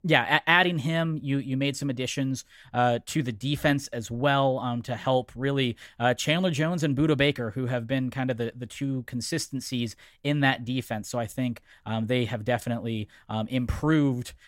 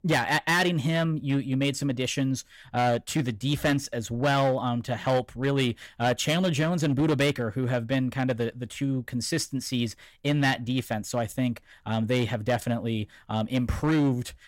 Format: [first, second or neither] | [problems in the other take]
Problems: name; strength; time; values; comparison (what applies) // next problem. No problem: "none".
first | distortion; slight; 6% of the sound clipped